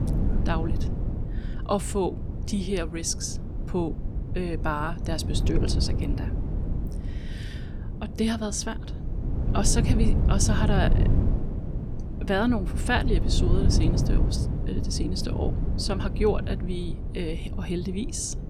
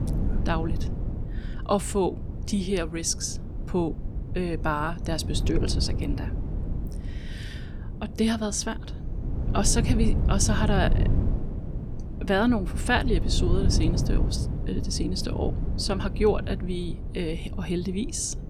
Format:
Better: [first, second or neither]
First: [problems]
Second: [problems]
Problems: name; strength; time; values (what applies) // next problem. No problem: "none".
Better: second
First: wind noise on the microphone; heavy; 9 dB below the speech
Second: wind noise on the microphone; occasional gusts; 10 dB below the speech